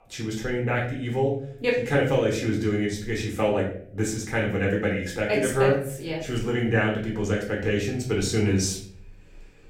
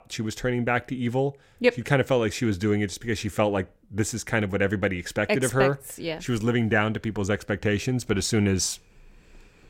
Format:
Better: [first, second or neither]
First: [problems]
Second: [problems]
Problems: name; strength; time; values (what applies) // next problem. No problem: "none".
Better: second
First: room echo; slight; dies away in 0.5 s // off-mic speech; far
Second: none